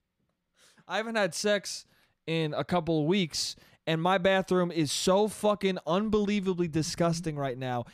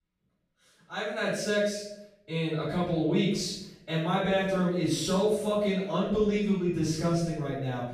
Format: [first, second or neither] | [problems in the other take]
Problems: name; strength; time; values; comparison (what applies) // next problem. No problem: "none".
first | room echo; strong; dies away in 0.7 s // off-mic speech; far